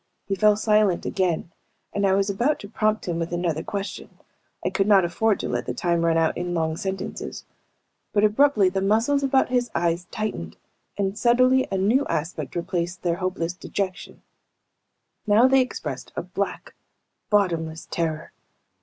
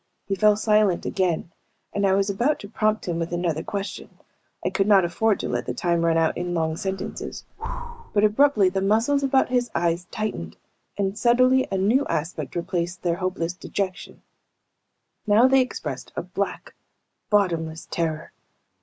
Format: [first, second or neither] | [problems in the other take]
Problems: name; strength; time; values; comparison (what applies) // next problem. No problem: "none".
first | background sound (Breathing); 12 dB below the speech